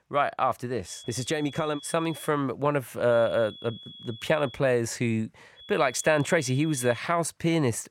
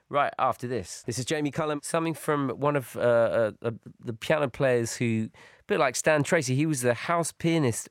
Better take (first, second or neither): second